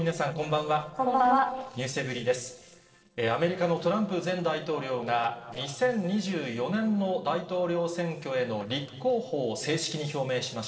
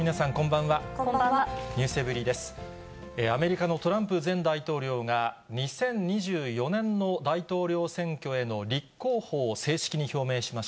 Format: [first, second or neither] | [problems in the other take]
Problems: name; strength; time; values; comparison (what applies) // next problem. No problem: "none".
second | noise reduction (neural separator model SepFormer DNS4)